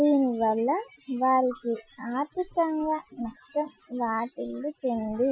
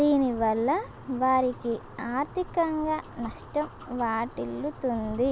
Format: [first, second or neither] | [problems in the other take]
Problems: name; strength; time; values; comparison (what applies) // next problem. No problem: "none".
second | noise reduction (classical method Wiener filter)